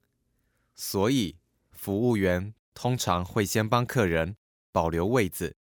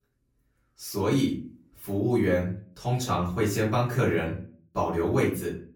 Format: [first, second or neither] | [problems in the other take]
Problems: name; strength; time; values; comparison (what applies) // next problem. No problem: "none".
first | off-mic speech; far // room echo; slight; dies away in 0.4 s